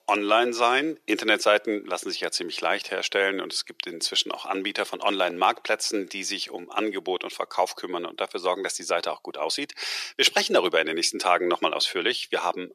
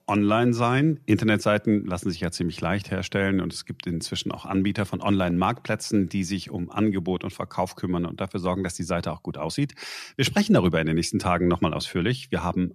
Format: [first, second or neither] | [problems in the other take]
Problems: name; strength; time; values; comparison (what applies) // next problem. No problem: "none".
second | thin; very; fading below 400 Hz